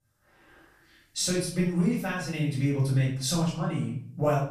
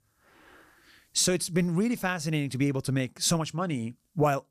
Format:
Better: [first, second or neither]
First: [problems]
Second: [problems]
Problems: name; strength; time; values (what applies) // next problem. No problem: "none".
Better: second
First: room echo; noticeable; dies away in 0.6 s // off-mic speech; far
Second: none